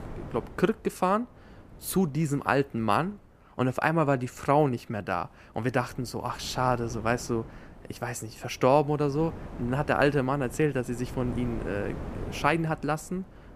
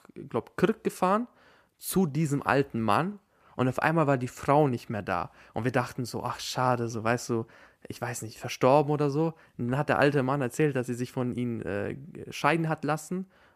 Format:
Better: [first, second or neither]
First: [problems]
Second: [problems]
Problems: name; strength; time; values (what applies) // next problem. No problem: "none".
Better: second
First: wind noise on the microphone; occasional gusts; 20 dB below the speech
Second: none